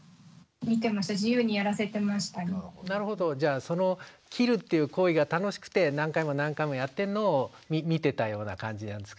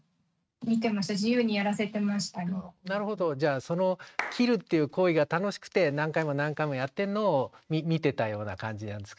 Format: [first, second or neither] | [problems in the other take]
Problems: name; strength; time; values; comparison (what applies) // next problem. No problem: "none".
first | noise reduction (neural mask model RNNoise)